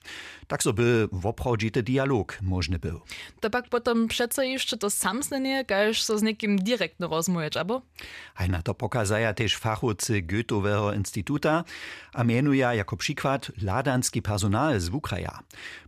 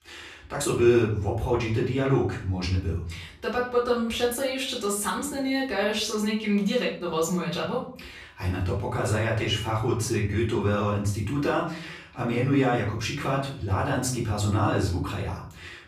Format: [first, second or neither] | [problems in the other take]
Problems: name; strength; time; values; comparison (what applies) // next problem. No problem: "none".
first | off-mic speech; far // room echo; slight; dies away in 0.5 s